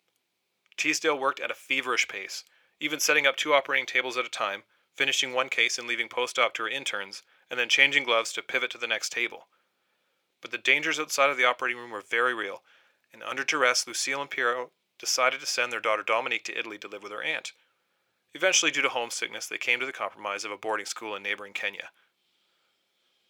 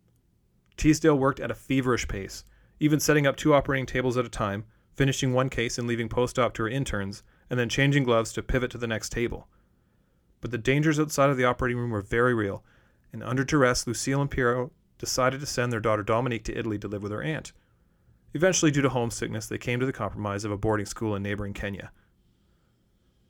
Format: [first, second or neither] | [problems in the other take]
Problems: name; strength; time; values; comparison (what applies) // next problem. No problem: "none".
second | thin; very; fading below 650 Hz